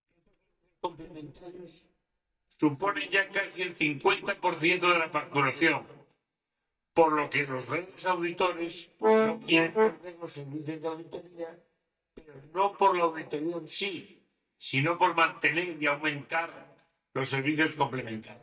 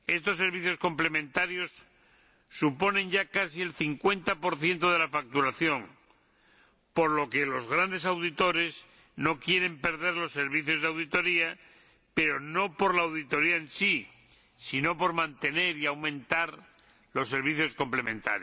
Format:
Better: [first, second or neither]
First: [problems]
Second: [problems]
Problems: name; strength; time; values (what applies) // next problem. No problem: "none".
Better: second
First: noise reduction (neural mask model DeepFilterNet 3)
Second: none